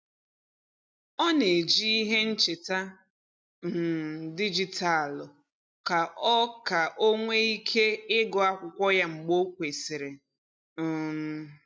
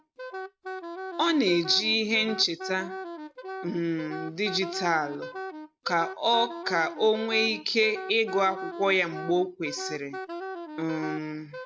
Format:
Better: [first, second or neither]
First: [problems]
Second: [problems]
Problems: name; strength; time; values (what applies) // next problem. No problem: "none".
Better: first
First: none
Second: background sound (Wind instrument, woodwind instrument); 10 dB below the speech